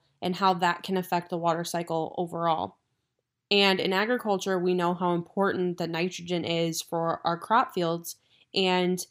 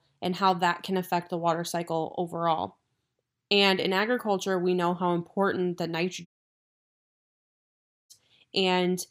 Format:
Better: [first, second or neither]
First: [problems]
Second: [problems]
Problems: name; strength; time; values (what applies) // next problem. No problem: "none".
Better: first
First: none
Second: audio cutting out; at 6.5 s for 2 s